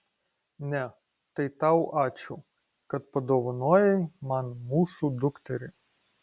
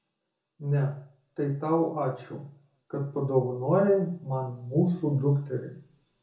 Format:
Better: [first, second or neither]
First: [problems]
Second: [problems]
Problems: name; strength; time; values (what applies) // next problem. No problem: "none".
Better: first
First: none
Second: room echo; dies away in 0.6 s